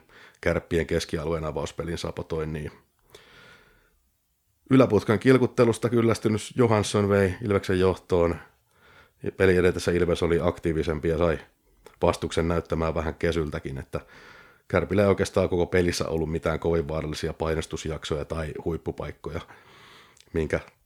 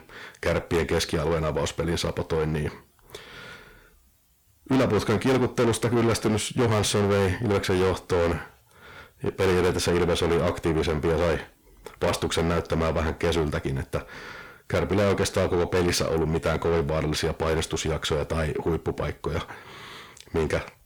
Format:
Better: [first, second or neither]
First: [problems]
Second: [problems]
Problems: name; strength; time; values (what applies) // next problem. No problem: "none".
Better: first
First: none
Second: distortion; heavy; 5 dB below the speech